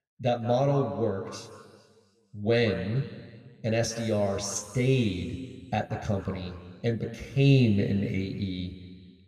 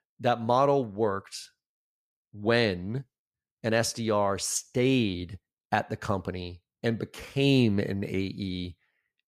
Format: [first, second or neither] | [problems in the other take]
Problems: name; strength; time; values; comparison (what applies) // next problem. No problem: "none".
second | room echo; slight; dies away in 2 s